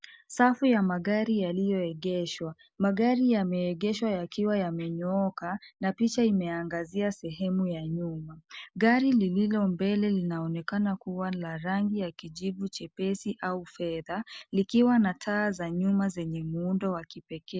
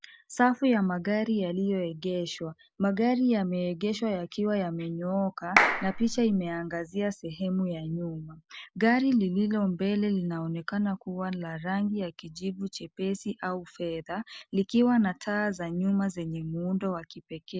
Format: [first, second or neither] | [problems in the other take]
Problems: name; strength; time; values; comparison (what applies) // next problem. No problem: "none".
first | background sound (Clapping); 1 dB above the speech